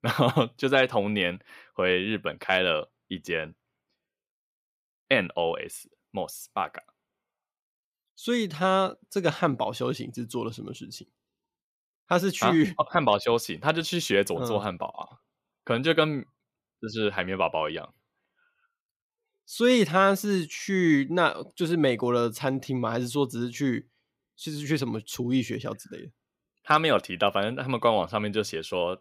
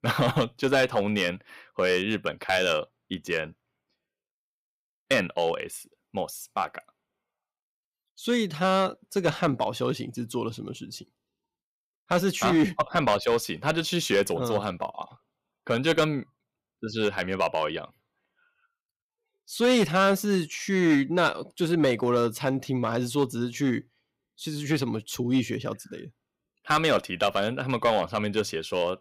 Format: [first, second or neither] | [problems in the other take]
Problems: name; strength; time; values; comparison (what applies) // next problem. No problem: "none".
first | distortion; slight; 2% of the sound clipped